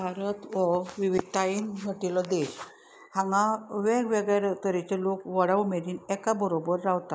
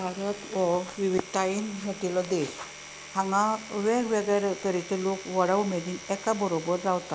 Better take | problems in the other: first | background sound (Domestic sounds, home sounds); 15 dB below the speech

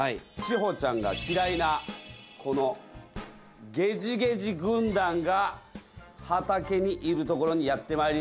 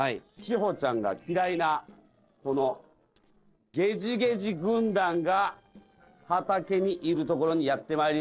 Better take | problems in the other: first | noise reduction (neural separator model SepFormer DNS4)

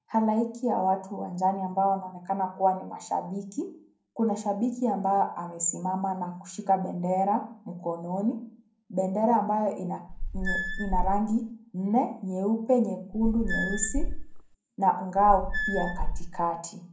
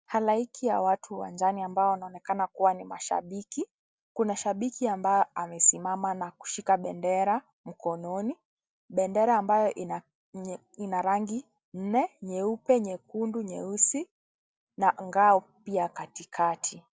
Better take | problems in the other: second | background sound (Squeak / Screech); 1 dB below the speech // room echo; dies away in 0.5 s

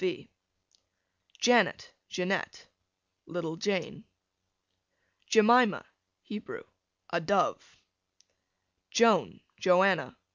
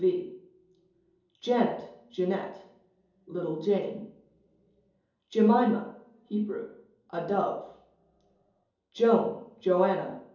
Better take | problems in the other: first | room echo; dies away in 2.8 s

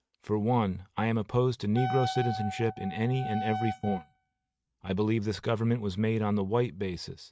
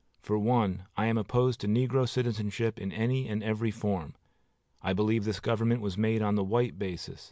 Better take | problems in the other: second | noise reduction (neural mask model RNNoise)

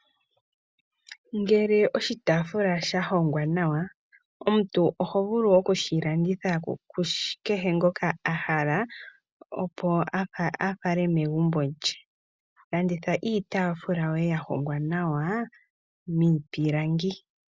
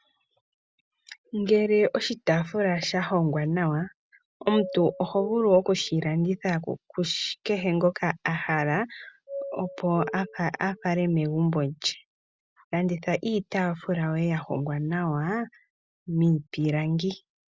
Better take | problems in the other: first | background sound (Doorbell); 13 dB below the speech

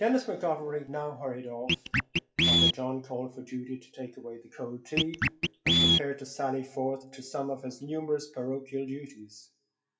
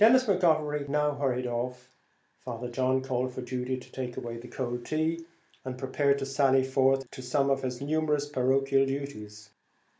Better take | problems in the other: second | noise reduction (classical method WPE with log-MMSE)

